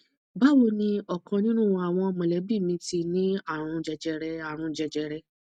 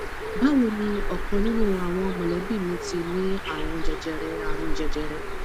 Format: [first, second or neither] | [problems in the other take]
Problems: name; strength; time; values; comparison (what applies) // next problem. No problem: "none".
first | background sound (Bird); as loud as the speech